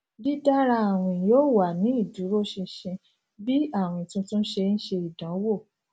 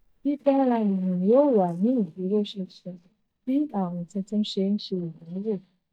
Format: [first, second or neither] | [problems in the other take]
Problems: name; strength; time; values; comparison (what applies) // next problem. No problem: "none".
first | noise reduction (neural mask model DeepFilterNet 3)